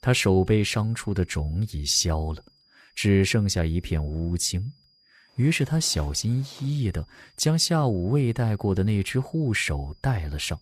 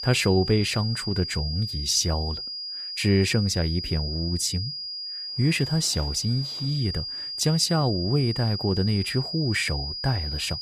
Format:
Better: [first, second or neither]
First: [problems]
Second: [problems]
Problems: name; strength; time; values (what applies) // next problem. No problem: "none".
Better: first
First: high-pitched whine; faint; throughout; 5 kHz, 35 dB below the speech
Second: high-pitched whine; loud; throughout; 5 kHz, 5 dB below the speech